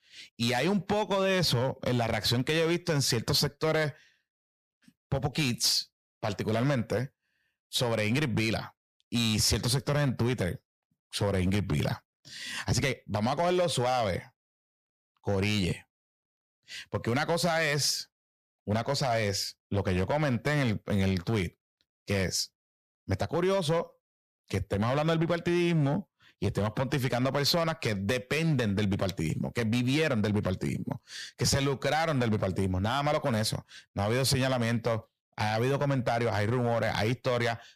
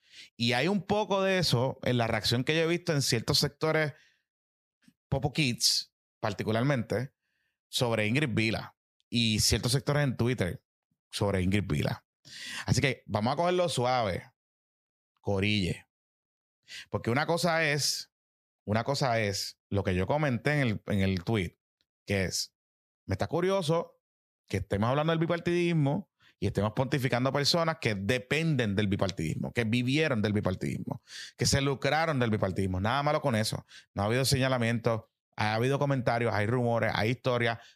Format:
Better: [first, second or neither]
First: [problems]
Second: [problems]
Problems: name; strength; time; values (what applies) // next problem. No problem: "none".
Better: second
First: distortion; slight; 6% of the sound clipped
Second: none